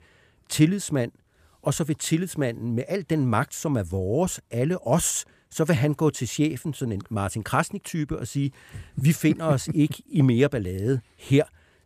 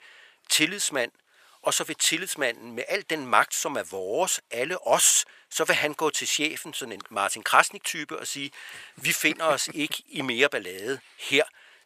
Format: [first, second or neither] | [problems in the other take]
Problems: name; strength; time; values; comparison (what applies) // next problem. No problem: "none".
first | thin; very; fading below 700 Hz